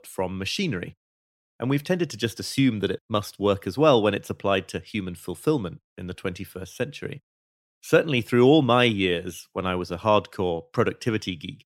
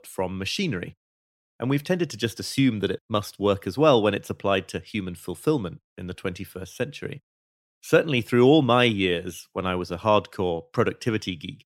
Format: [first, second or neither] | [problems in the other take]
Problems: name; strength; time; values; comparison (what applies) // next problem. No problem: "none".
neither | none